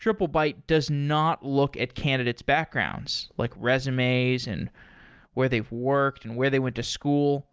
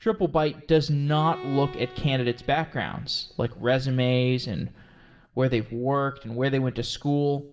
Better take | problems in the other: first | background sound (Bowed string instrument); 18 dB below the speech // room echo; dies away in 0.5 s

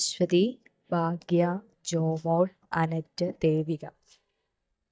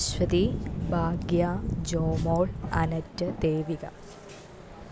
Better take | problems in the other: second | noise reduction (neural mask model DeepFilterNet 3)

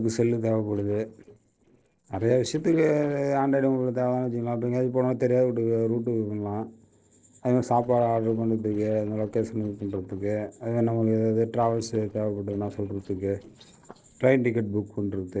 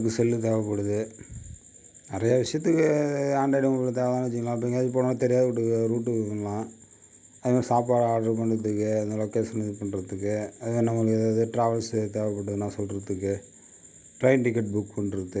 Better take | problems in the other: second | noise reduction (neural separator model SepFormer DNS4)

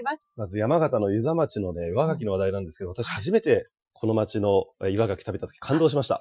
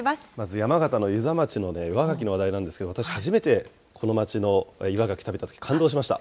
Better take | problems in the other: second | noise reduction (classical method Wiener filter)

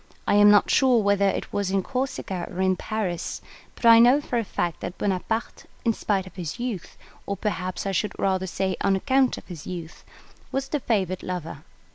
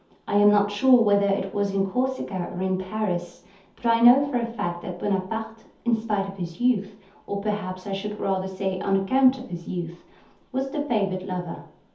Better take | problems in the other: first | room echo; dies away in 0.5 s

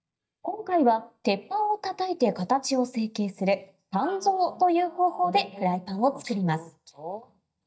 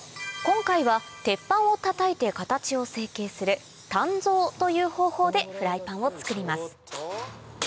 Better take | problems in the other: second | noise reduction (neural mask model DeepFilterNet 3)

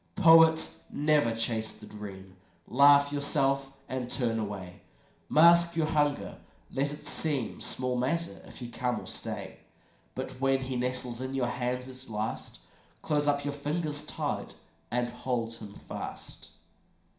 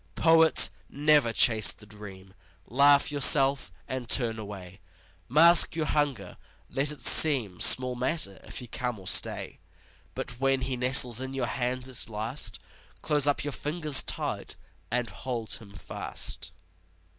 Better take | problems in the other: second | room echo; dies away in 0.5 s

